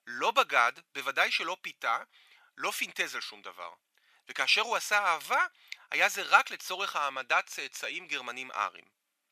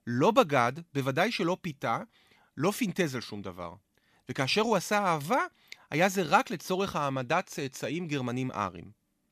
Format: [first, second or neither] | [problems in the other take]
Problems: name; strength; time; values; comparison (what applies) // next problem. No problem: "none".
second | thin; very; fading below 850 Hz